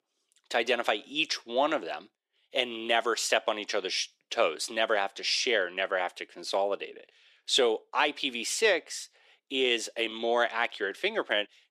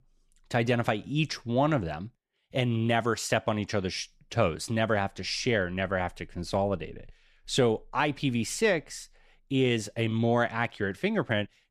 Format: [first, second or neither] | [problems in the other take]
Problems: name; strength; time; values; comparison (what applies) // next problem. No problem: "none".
second | thin; very; fading below 350 Hz